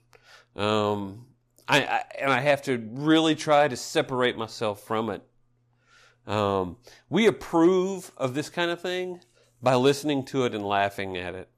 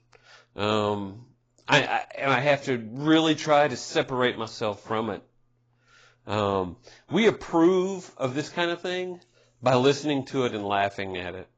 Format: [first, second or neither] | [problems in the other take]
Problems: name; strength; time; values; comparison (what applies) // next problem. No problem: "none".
first | garbled, watery; badly; nothing above 7.5 kHz